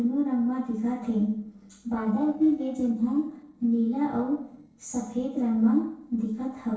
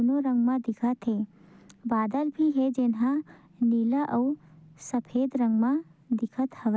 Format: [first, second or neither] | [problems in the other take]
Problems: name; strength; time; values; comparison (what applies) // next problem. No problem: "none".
second | noise reduction (neural separator model SepFormer DNS4)